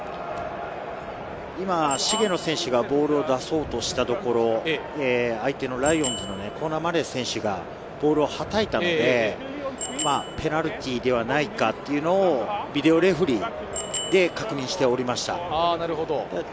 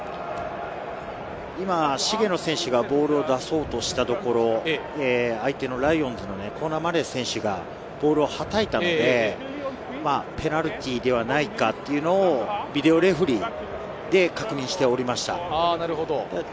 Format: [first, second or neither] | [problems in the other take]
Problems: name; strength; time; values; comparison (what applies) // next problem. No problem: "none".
second | background sound (Bicycle bell); 15 dB below the speech